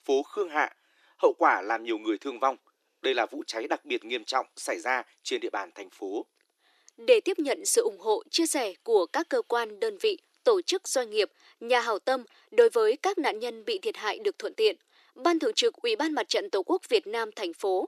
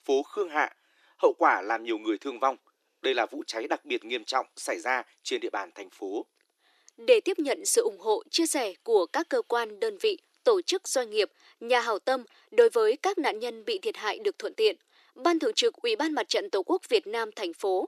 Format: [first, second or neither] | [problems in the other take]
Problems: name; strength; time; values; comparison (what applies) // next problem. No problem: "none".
neither | thin; very; fading below 300 Hz; the same in both